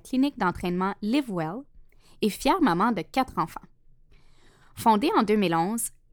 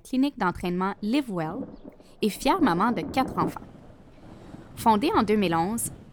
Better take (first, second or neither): first